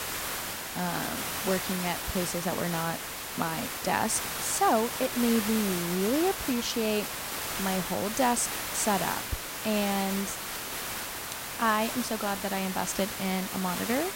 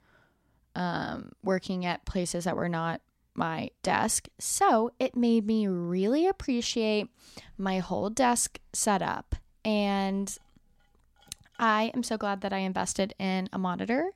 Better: second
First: hiss; loud; throughout; 3 dB below the speech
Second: none

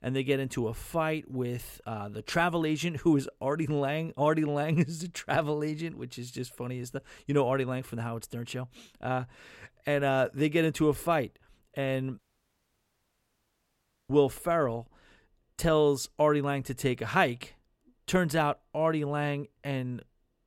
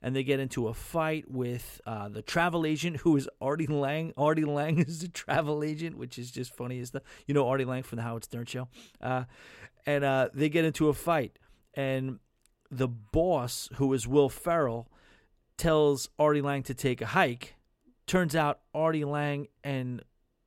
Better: second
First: audio cutting out; at 12 s for 2 s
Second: none

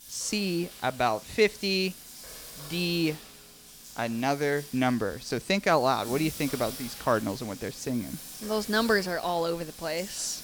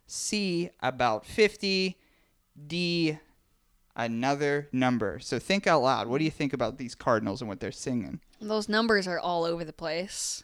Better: second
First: household noises; noticeable; throughout; 15 dB below the speech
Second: none

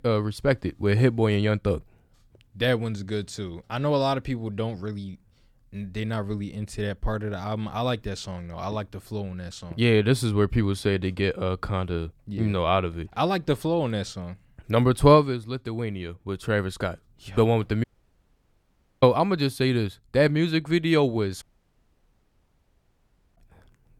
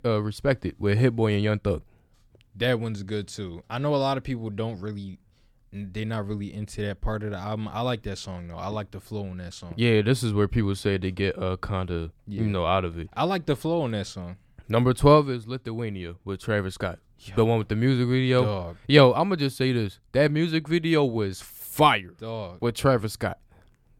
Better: second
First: audio cutting out; at 18 s for 1 s and at 21 s for 2 s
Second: none

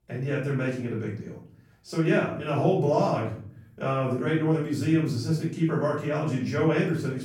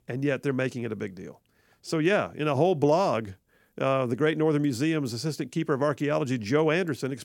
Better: second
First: off-mic speech; far // room echo; noticeable; dies away in 0.6 s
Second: none

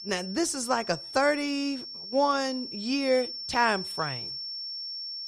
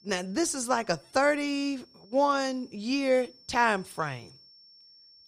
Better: second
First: high-pitched whine; loud; throughout; 5.5 kHz, 8 dB below the speech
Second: high-pitched whine; faint; throughout; 5.5 kHz, 25 dB below the speech

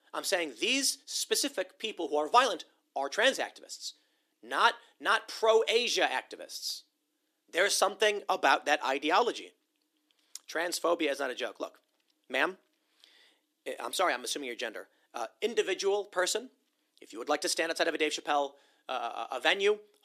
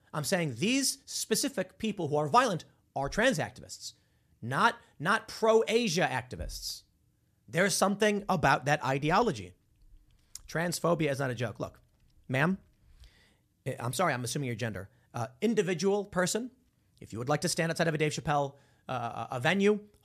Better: second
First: thin; somewhat; fading below 300 Hz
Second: none

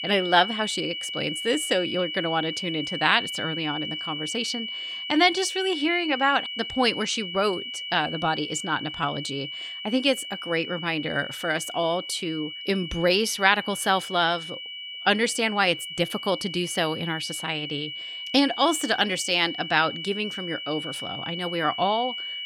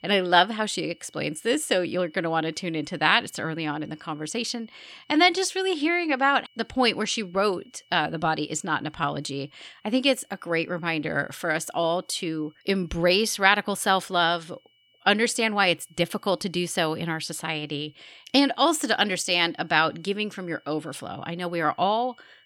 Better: second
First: high-pitched whine; loud; throughout; 3 kHz, 7 dB below the speech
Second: high-pitched whine; faint; throughout; 3 kHz, 35 dB below the speech

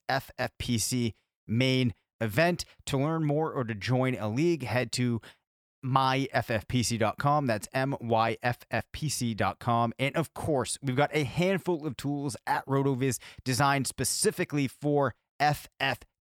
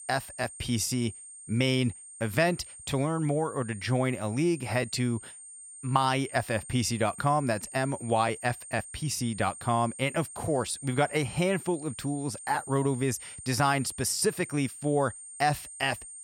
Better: first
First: none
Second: high-pitched whine; noticeable; throughout; 8.5 kHz, 15 dB below the speech

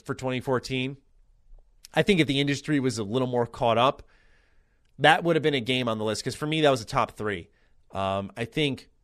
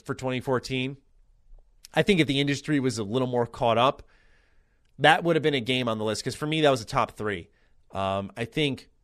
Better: neither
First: none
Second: none

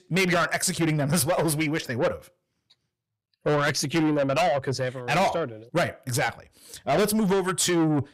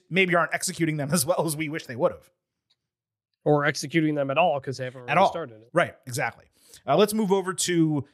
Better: second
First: distortion; heavy; 6 dB below the speech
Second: none

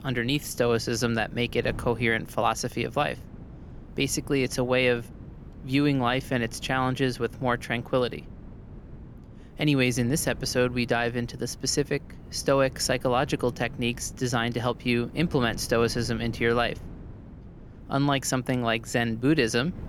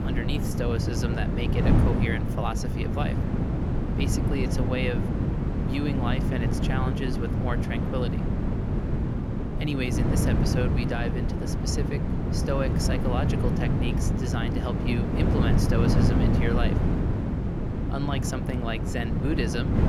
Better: first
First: wind noise on the microphone; occasional gusts; 25 dB below the speech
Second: wind noise on the microphone; heavy; 1 dB below the speech

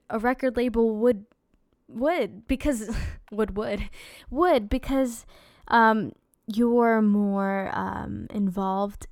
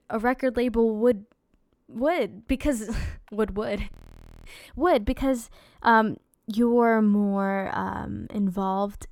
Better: first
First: none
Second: audio freezing; at 4 s for 0.5 s

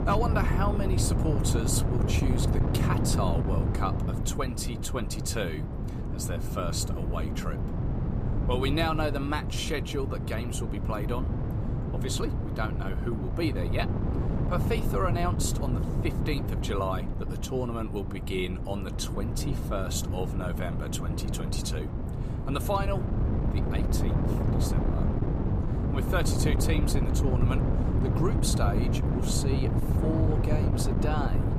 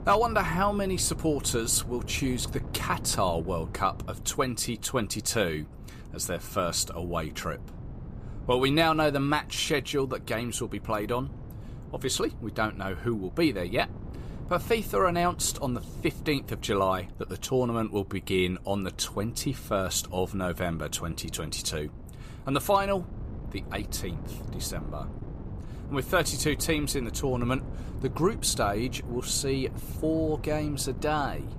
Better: second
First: wind noise on the microphone; heavy; 4 dB below the speech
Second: wind noise on the microphone; occasional gusts; 20 dB below the speech

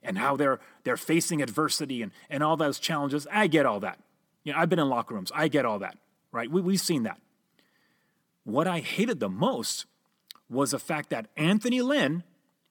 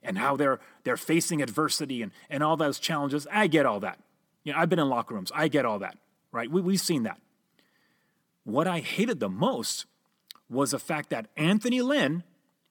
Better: neither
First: none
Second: none

